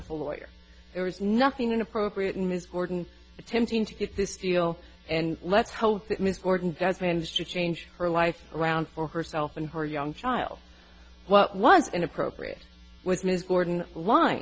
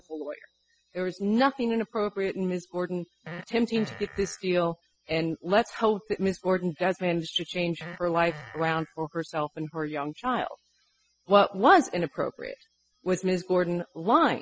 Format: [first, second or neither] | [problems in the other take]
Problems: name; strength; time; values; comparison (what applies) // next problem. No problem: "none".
first | noise reduction (classical method spectral subtraction)